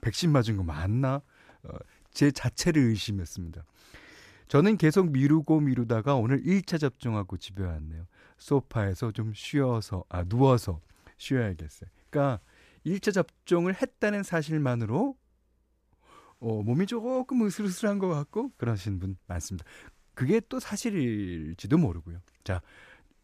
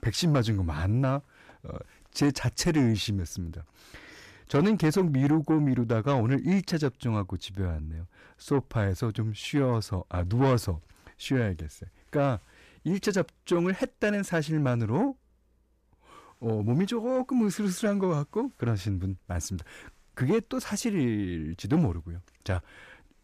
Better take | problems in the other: first | distortion; slight; 10 dB below the speech

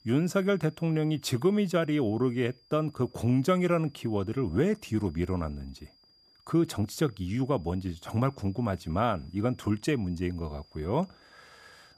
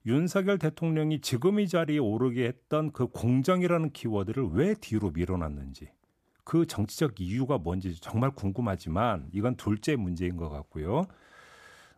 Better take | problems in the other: second | high-pitched whine; faint; throughout; 5 kHz, 30 dB below the speech

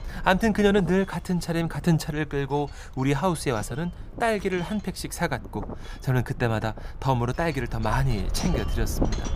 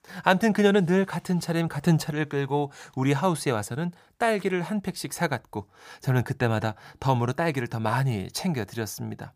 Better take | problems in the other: second | wind noise on the microphone; occasional gusts; 15 dB below the speech

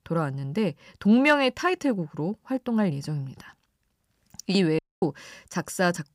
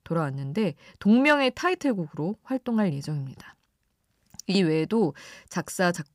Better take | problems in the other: second | audio cutting out; at 5 s

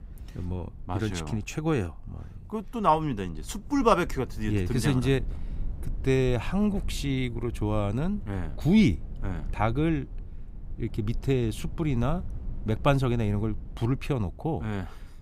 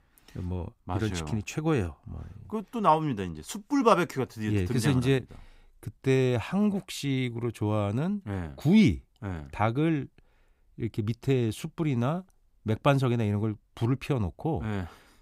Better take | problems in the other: second | low rumble; faint; throughout; 25 dB below the speech

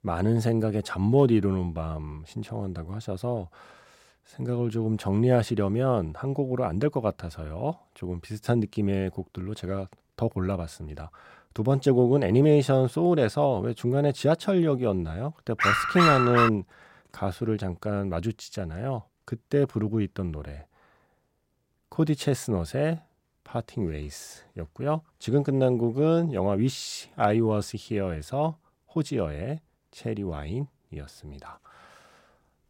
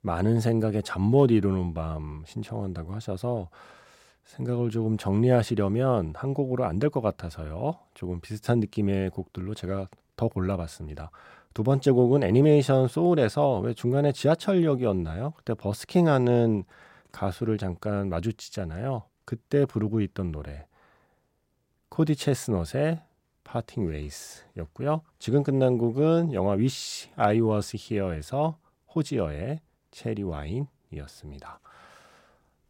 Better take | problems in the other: second | dog barking; loud; at 16 s; peak 5 dB above the speech

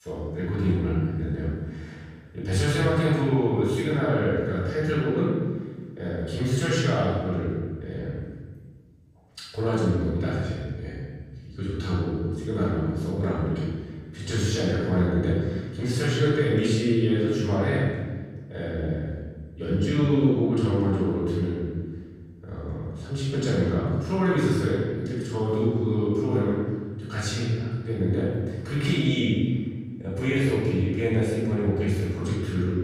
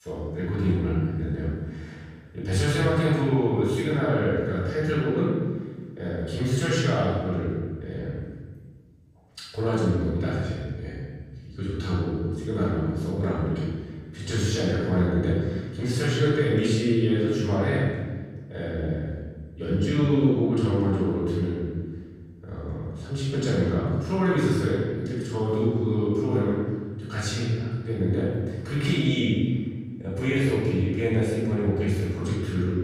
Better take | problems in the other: neither | off-mic speech; far; the same in both // room echo; strong; dies away in 1.5 s; the same in both

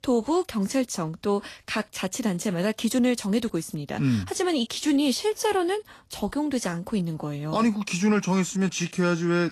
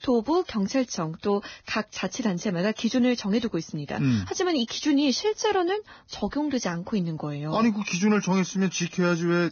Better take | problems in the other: first | garbled, watery; badly; nothing above 6.5 kHz; slightly in the first

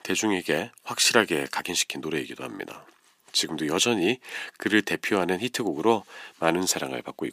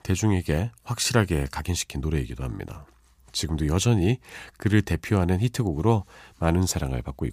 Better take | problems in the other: second | thin; somewhat; fading below 300 Hz

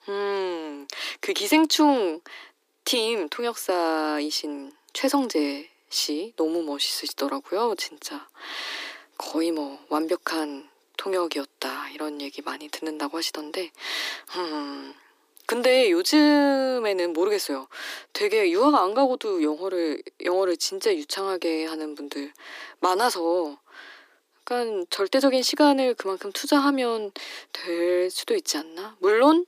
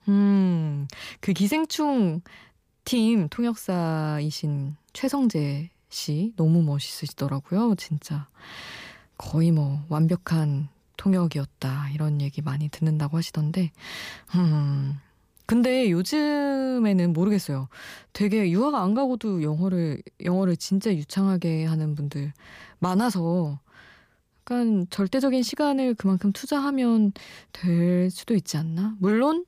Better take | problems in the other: second | thin; somewhat; fading below 300 Hz

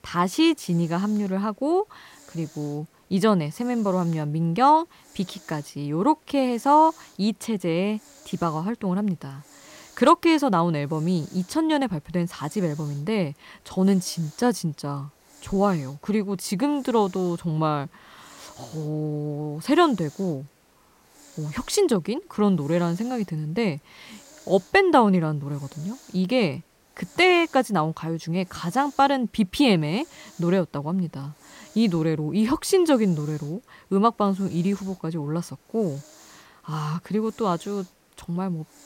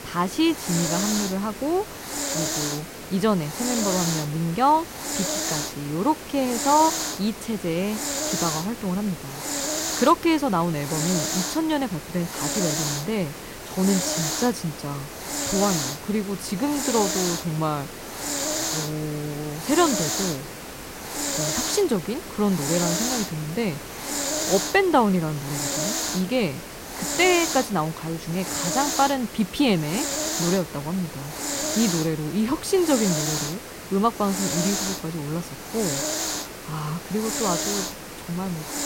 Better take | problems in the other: first | hiss; loud; throughout; 3 dB below the speech; faint in the first

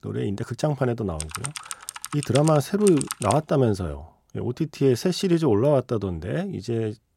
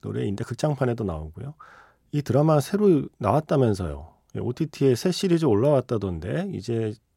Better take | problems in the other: second | keyboard typing; noticeable; from 1 to 3.5 s; peak 6 dB below the speech

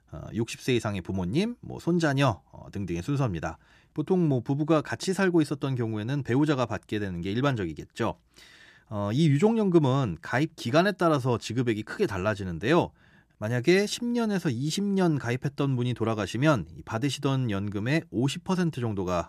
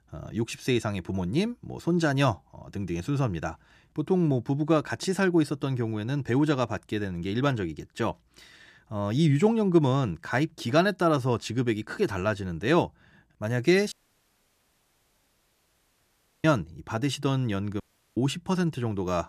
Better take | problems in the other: first | audio cutting out; at 14 s for 2.5 s and at 18 s

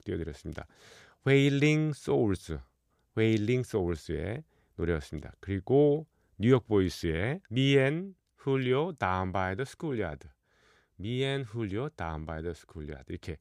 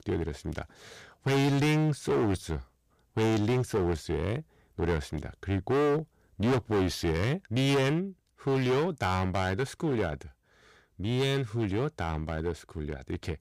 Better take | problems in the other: first | distortion; heavy; 14% of the sound clipped

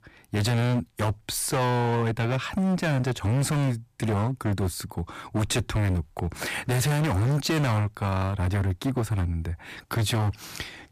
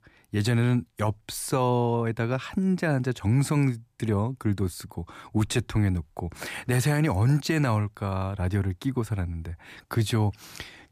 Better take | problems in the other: second | distortion; heavy; 22% of the sound clipped

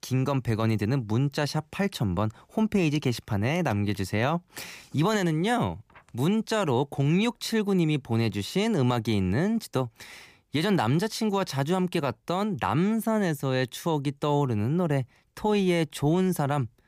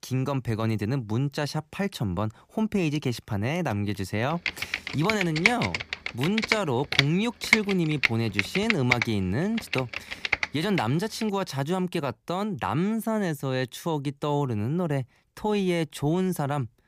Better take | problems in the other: first | keyboard typing; loud; from 4.5 to 11 s; peak 5 dB above the speech

